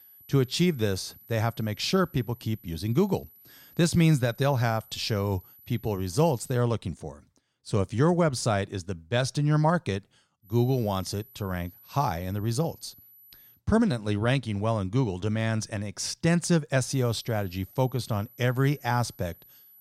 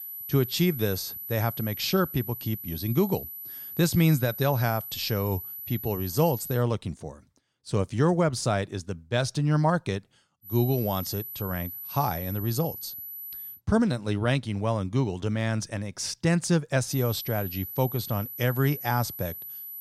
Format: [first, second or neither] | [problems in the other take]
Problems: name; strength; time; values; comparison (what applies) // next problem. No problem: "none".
first | high-pitched whine; loud; until 6.5 s, from 10 to 14 s and from 17 s on; 12 kHz, 8 dB below the speech; faint in the first